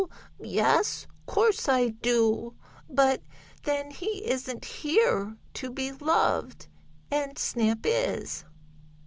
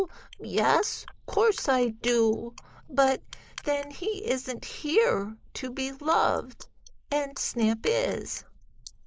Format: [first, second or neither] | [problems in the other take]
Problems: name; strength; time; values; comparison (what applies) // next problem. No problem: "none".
first | noise reduction (neural mask model Resemble Enhance denoiser)